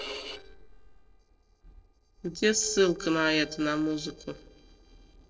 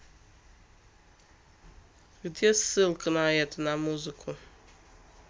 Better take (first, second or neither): second